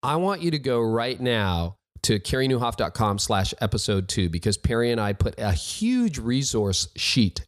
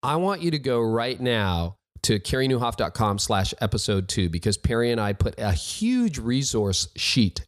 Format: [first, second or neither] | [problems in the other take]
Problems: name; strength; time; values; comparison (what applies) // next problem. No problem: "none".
neither | none